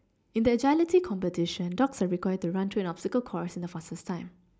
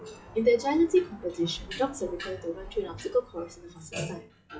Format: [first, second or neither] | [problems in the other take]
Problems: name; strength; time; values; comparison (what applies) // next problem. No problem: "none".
first | noise reduction (classical method WPE with log-MMSE)